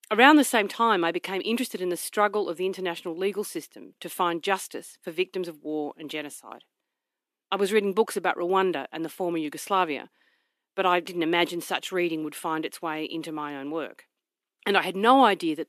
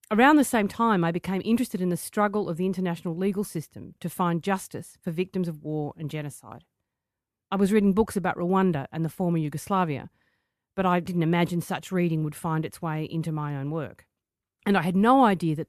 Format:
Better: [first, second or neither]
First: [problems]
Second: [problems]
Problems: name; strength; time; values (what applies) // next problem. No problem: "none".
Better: second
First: thin; somewhat; fading below 300 Hz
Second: none